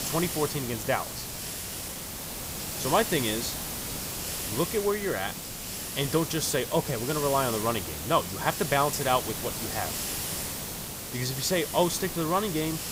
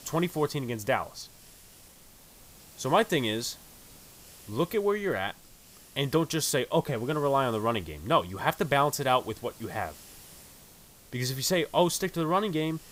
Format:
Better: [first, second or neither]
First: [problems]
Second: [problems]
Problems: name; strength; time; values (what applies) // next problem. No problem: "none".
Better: second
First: hiss; loud; throughout; 4 dB below the speech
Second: hiss; faint; throughout; 20 dB below the speech